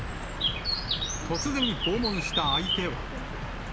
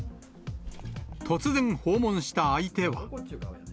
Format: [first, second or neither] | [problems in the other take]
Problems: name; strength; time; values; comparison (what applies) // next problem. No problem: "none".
second | background sound (Bird); 2 dB above the speech